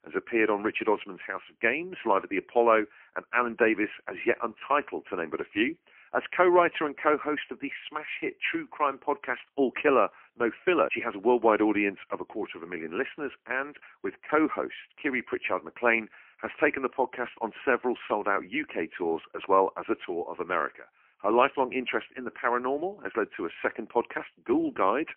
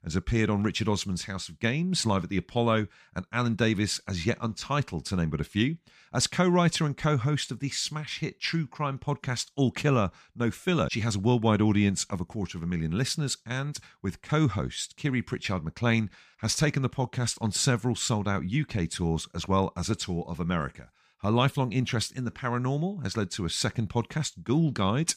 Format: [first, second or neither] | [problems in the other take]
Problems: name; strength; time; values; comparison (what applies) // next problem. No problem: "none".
second | phone-call audio; poor line